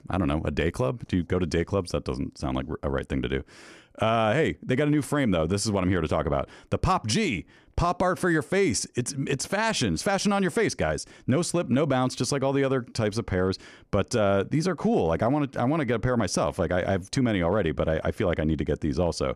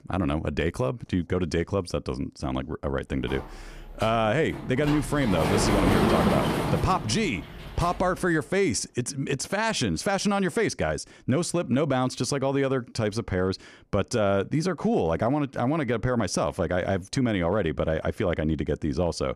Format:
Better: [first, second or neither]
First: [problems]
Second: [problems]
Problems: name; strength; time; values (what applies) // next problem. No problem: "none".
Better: first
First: none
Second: door banging; loud; from 3.5 to 8 s; peak 4 dB above the speech